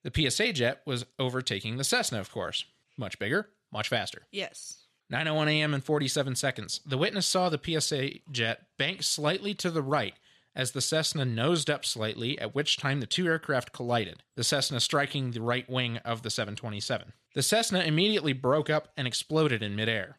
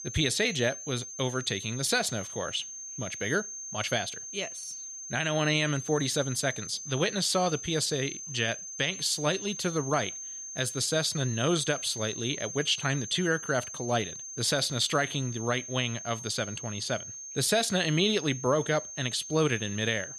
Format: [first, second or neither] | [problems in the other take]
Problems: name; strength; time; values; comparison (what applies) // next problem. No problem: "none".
first | high-pitched whine; loud; throughout; 6.5 kHz, 9 dB below the speech